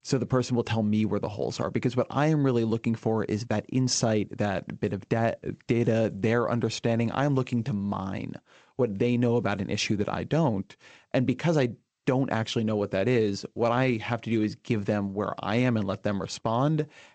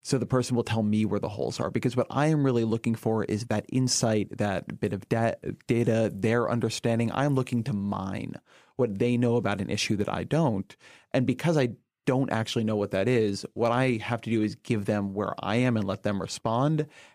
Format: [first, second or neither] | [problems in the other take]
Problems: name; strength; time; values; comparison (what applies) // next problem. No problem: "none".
second | garbled, watery; slightly; nothing above 7.5 kHz